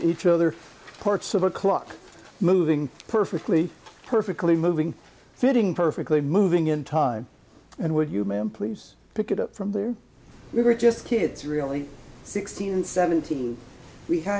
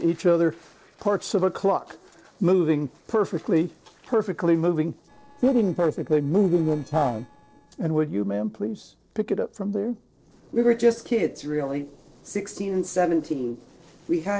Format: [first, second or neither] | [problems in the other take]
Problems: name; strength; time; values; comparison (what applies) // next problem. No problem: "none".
first | noise reduction (neural separator model SepFormer DNS4)